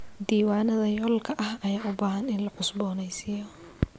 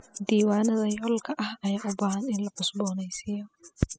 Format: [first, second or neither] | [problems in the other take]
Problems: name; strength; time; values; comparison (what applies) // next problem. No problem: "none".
first | noise reduction (classical method spectral subtraction)